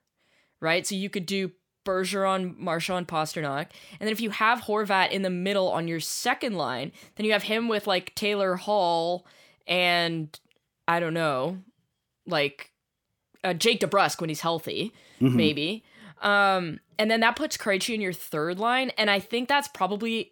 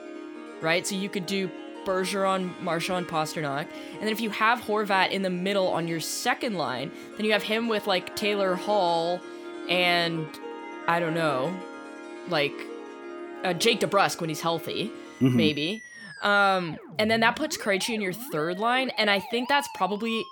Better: first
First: none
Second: background music; noticeable; throughout; 15 dB below the speech

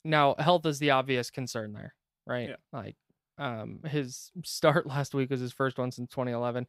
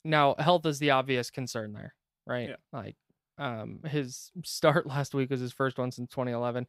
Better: neither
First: none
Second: none

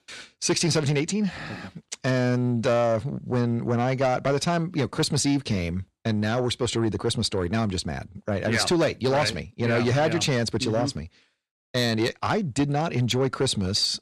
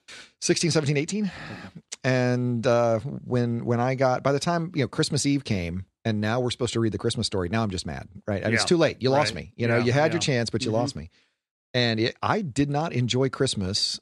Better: second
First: distortion; slight; 10 dB below the speech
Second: none

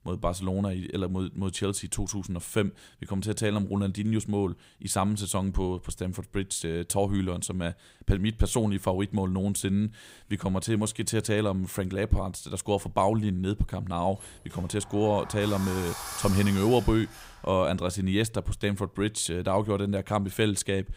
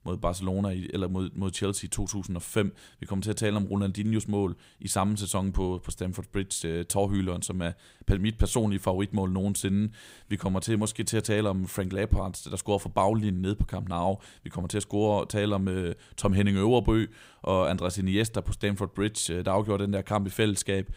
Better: second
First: door banging; noticeable; from 14 to 18 s; peak 6 dB below the speech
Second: none

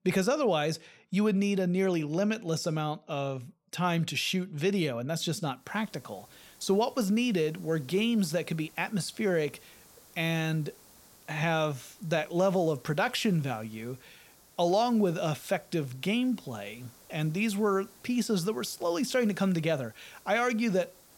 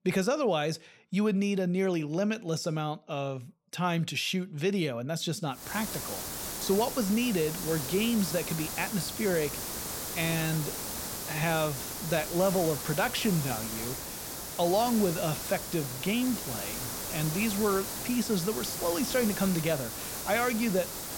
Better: first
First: hiss; faint; from 5.5 s on; 25 dB below the speech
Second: hiss; loud; from 5.5 s on; 5 dB below the speech

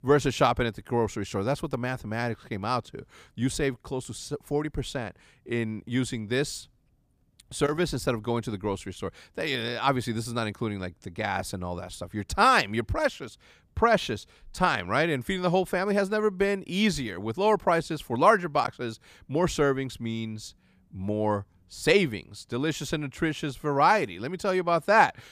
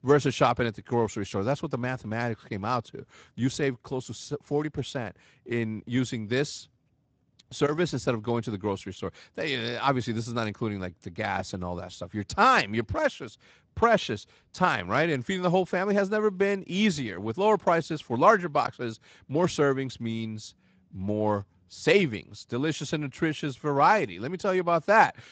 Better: first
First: none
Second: garbled, watery; slightly; nothing above 8 kHz

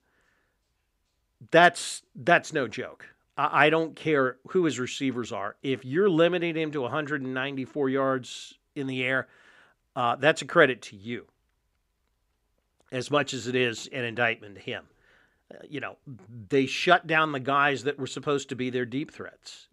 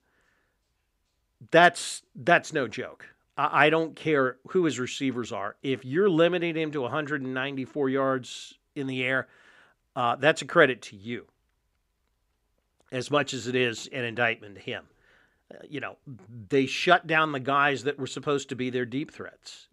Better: neither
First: none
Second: none

